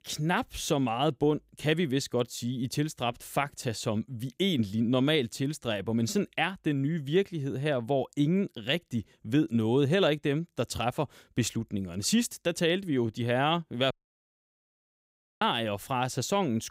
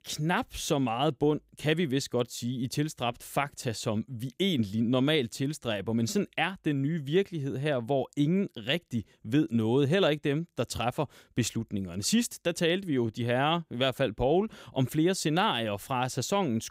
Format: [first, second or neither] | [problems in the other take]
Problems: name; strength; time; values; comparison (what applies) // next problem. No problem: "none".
second | audio cutting out; at 14 s for 1.5 s